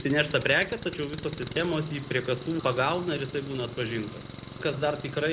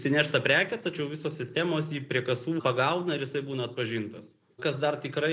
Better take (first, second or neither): second